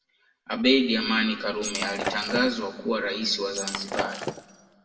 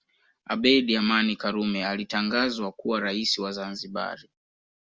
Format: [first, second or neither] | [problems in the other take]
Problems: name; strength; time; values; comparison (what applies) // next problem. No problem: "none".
second | background sound (Shatter); 7 dB below the speech // room echo; dies away in 1.7 s